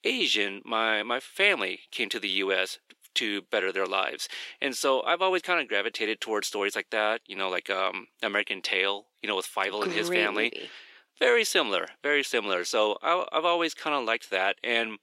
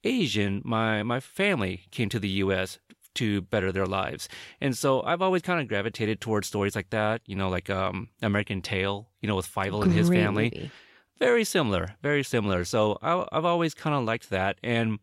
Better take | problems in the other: second | thin; somewhat; fading below 300 Hz

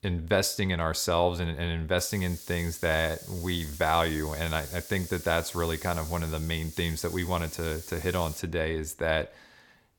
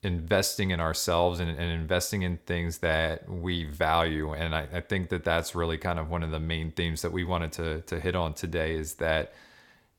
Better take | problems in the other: second | hiss; noticeable; from 2 to 8.5 s; 15 dB below the speech

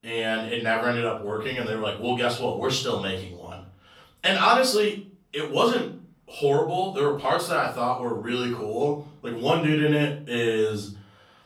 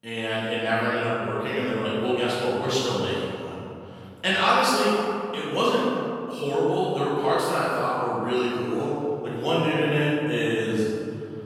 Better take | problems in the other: first | room echo; strong; dies away in 2.8 s; slight in the first // off-mic speech; far; far in the first

